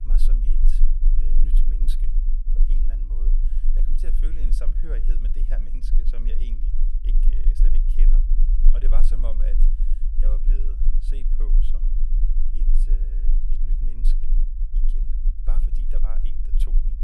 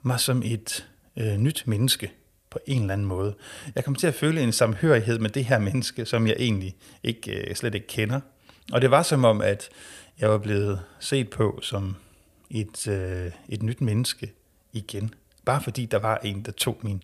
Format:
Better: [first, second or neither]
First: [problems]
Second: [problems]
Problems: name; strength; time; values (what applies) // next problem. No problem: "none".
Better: second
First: low rumble; loud; throughout; 4 dB below the speech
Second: none